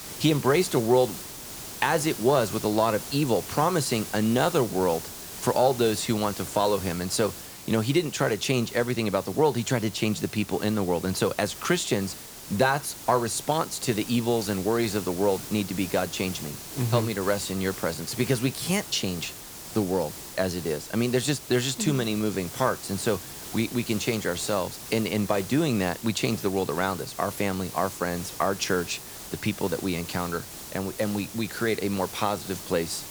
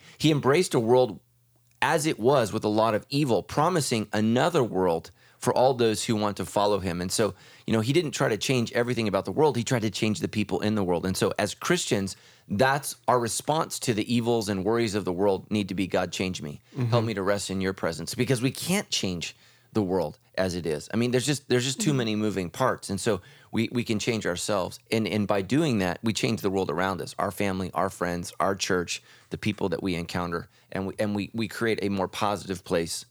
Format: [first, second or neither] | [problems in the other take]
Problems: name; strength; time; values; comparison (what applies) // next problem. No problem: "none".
second | hiss; noticeable; throughout; 10 dB below the speech